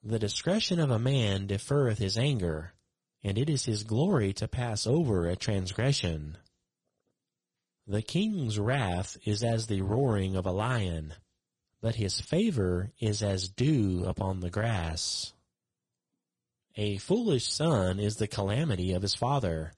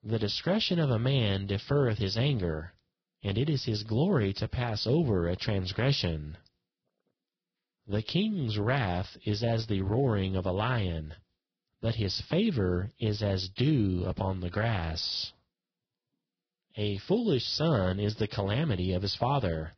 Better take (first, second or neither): first